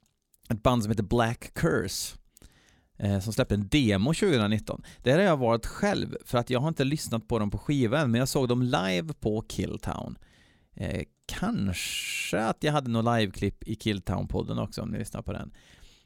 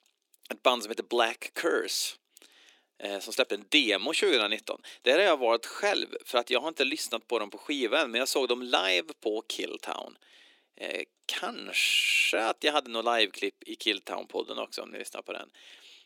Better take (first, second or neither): first